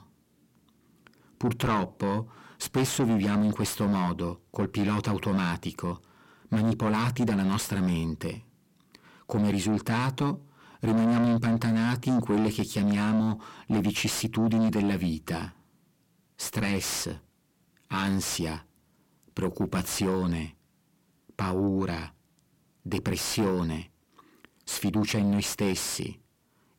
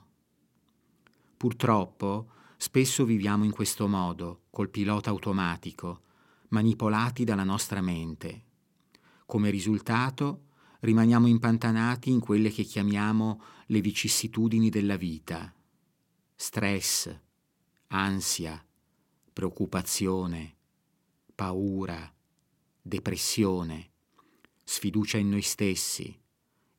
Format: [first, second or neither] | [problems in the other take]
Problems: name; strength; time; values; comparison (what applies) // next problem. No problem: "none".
second | distortion; heavy; 6 dB below the speech